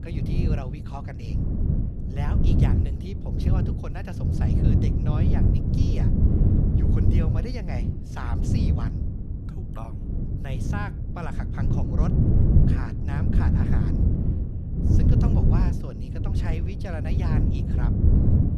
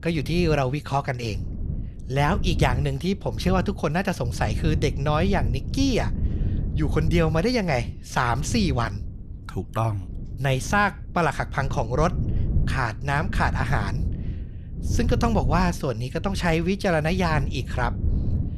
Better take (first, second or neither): second